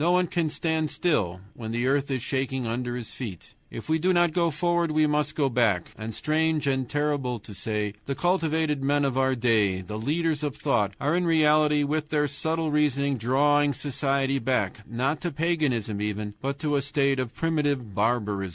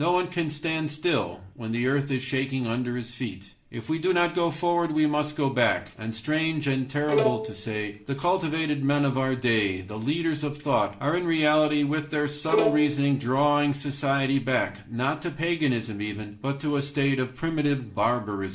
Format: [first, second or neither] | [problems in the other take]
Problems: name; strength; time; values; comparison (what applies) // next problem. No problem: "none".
first | background sound (Bowed string instrument); 3 dB below the speech // room echo; dies away in 0.4 s